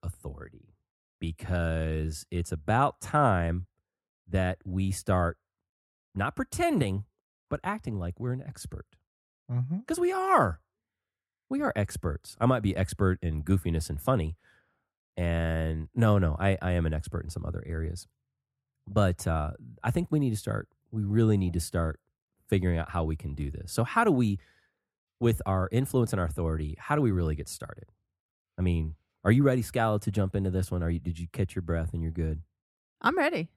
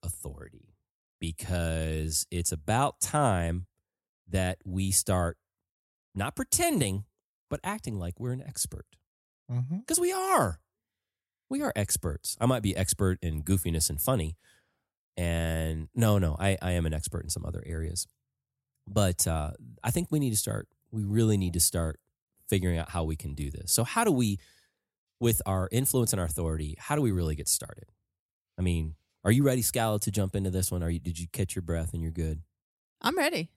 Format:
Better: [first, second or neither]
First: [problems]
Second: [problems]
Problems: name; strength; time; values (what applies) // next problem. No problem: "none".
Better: second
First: muffled; slightly; fading above 3.5 kHz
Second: none